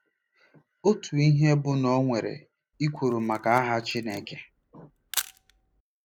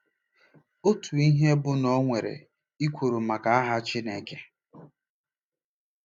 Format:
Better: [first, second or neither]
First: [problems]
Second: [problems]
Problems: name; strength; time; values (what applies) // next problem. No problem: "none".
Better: second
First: background sound (Camera); 14 dB below the speech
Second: none